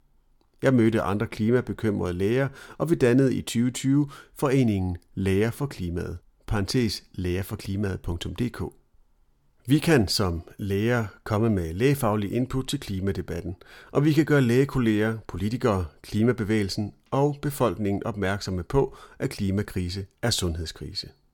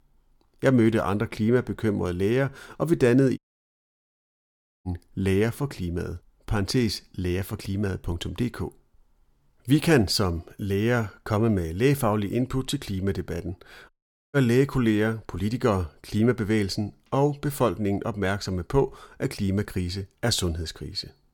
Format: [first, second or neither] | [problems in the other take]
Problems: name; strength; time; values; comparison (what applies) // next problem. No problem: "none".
first | audio cutting out; at 3.5 s for 1.5 s and at 14 s